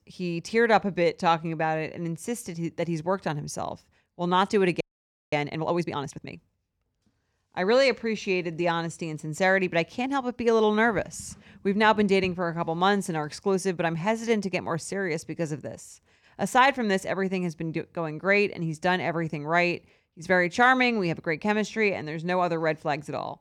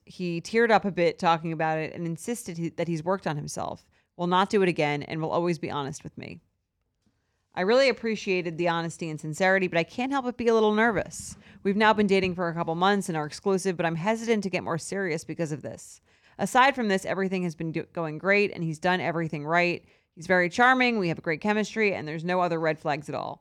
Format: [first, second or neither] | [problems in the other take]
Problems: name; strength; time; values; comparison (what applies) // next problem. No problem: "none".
second | audio freezing; at 5 s for 0.5 s